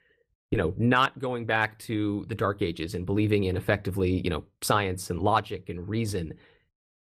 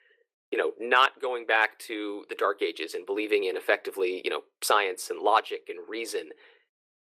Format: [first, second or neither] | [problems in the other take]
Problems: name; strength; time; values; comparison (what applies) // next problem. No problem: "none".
first | thin; very; fading below 350 Hz